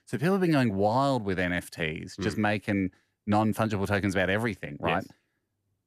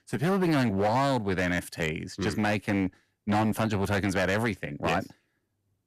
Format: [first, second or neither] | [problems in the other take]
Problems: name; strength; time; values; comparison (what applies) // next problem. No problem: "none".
first | distortion; slight; 11% of the sound clipped